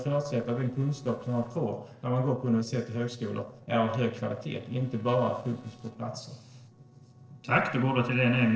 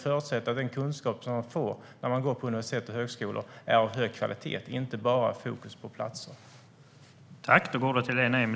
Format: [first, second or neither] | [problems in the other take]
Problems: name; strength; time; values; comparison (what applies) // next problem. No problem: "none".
second | noise reduction (neural separator model SepFormer DNS4)